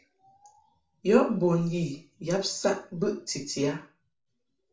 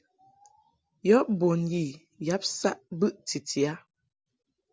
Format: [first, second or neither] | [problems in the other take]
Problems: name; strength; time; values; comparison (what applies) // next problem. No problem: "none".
second | room echo; dies away in 0.3 s